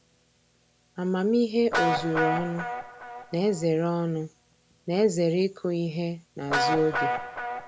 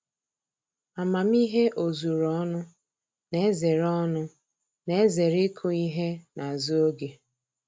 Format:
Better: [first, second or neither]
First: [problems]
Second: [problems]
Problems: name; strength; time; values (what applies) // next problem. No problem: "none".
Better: second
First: background sound (Guitar); 5 dB below the speech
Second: none